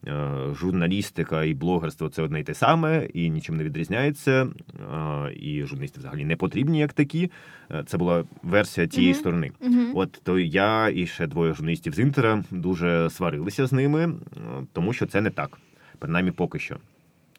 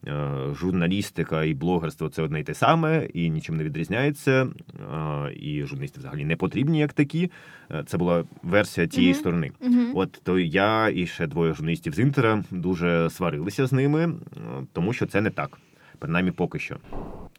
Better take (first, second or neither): first